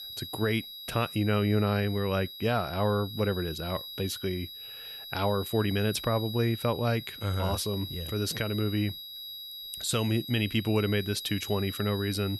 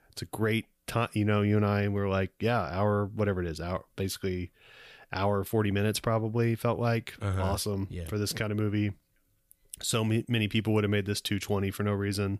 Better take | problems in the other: second | high-pitched whine; loud; throughout; 4 kHz, 9 dB below the speech

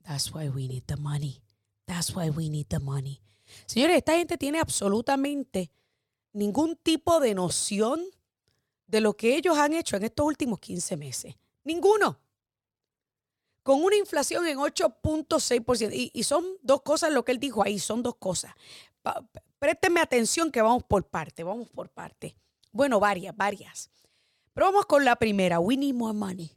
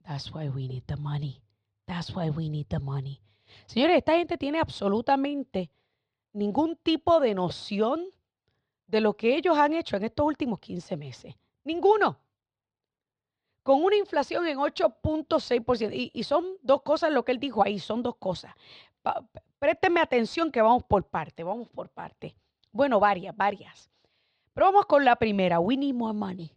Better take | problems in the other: first | muffled; slightly; fading above 4 kHz

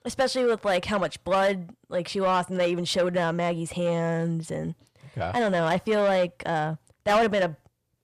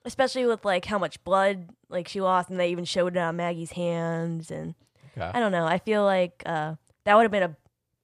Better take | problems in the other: second | distortion; slight; 10 dB below the speech

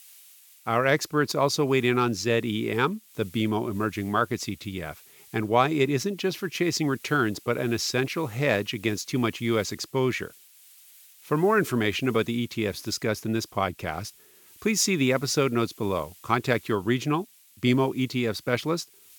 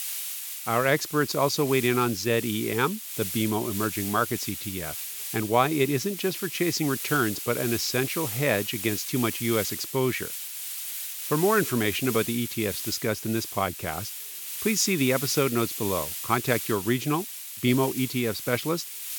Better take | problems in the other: first | hiss; loud; throughout; 6 dB below the speech; faint in the first

